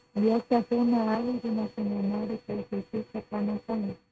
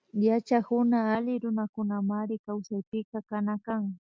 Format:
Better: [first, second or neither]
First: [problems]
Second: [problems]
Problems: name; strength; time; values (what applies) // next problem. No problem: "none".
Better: second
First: noise reduction (neural mask model RNNoise)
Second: none